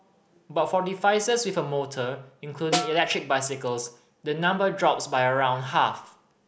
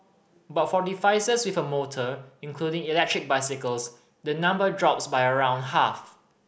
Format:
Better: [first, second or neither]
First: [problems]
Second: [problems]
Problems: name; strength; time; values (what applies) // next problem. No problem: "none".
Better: second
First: background sound (Snare drum); 5 dB below the speech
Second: none